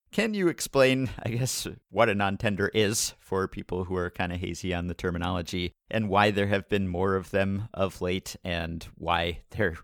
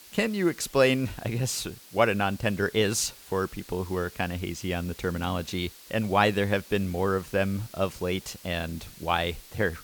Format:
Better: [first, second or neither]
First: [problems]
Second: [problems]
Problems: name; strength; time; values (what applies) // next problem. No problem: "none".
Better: first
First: none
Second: hiss; noticeable; throughout; 20 dB below the speech